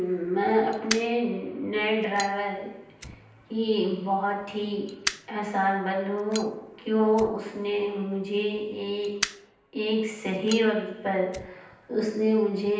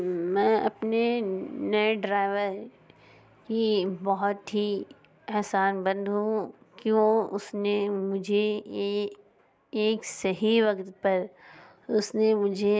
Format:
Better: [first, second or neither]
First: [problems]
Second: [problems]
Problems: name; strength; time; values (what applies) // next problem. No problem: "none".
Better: second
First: background sound (Fire); 14 dB below the speech // room echo; dies away in 0.9 s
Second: none